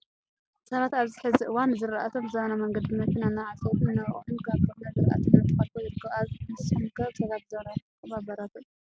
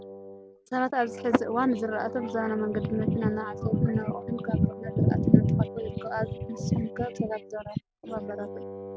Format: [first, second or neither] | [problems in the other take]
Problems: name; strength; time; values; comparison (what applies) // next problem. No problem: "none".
first | background sound (Wind instrument, woodwind instrument); 12 dB below the speech